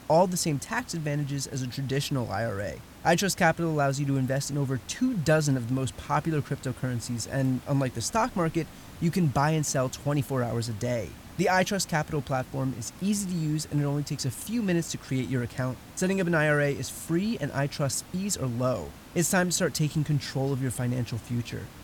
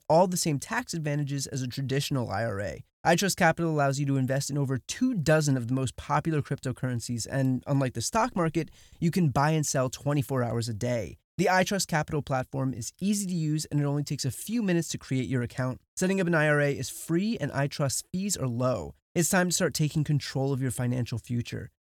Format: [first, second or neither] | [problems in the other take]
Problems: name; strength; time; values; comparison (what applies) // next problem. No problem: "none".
second | hiss; noticeable; throughout; 20 dB below the speech